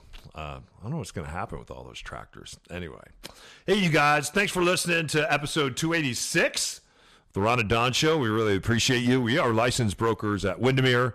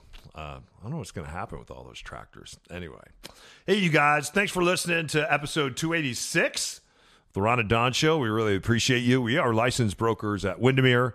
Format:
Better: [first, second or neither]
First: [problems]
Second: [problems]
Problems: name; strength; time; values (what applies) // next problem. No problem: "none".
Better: second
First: distortion; slight; 4% of the sound clipped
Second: none